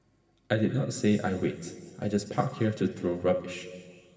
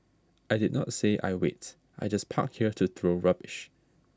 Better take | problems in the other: second | room echo; dies away in 2 s

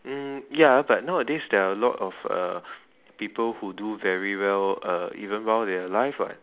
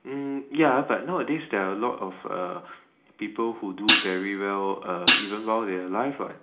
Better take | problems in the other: first | background sound (Hi-hat); 3 dB above the speech // room echo; dies away in 0.4 s

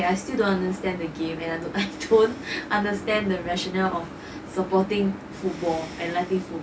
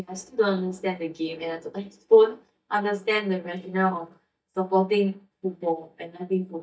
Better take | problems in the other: first | noise reduction (neural mask model DeepFilterNet 3)

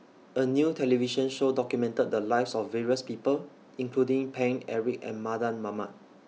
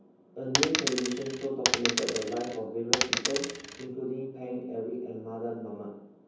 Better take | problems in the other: first | background sound (Coin (dropping)); 3 dB above the speech // room echo; dies away in 0.9 s

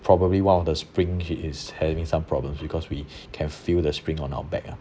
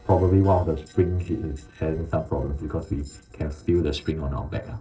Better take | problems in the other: first | noise reduction (neural separator model SepFormer DNS4)

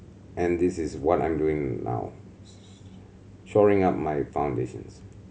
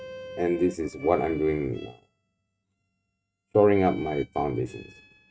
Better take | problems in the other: first | noise reduction (neural mask model RNNoise)

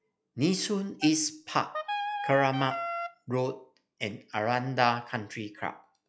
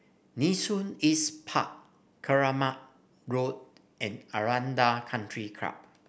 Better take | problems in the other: second | noise reduction (classical method log-MMSE)

